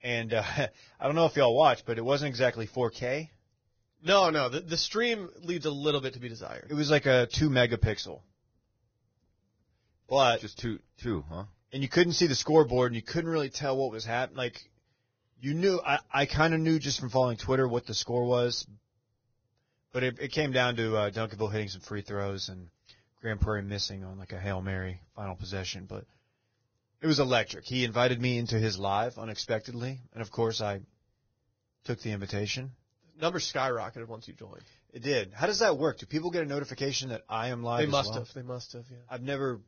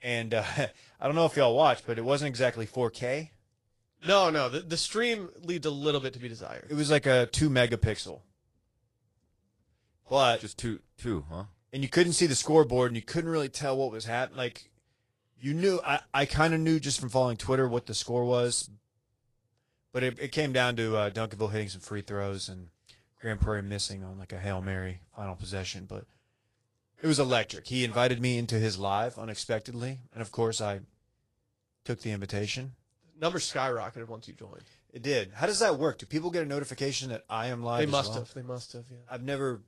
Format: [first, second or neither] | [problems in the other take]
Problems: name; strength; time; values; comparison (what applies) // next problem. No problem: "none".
second | garbled, watery; badly; nothing above 6.5 kHz; slightly in the second